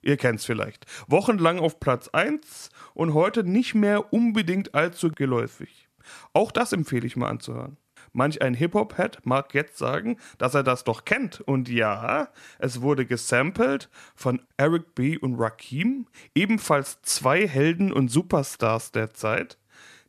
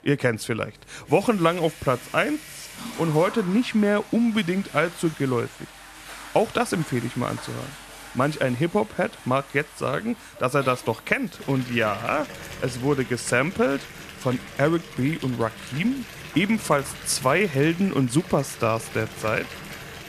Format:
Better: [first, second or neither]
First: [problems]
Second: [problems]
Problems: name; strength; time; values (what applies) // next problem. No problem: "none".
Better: first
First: none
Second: household noises; noticeable; throughout; 15 dB below the speech